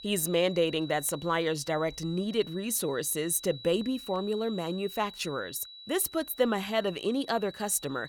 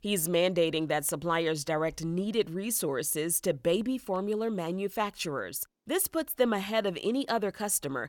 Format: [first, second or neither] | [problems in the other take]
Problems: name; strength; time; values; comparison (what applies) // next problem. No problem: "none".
second | high-pitched whine; noticeable; throughout; 4 kHz, 15 dB below the speech